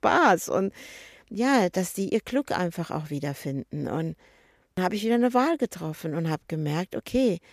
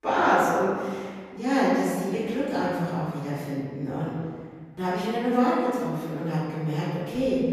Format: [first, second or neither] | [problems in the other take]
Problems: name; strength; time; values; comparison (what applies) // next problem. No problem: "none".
first | off-mic speech; far // room echo; strong; dies away in 1.7 s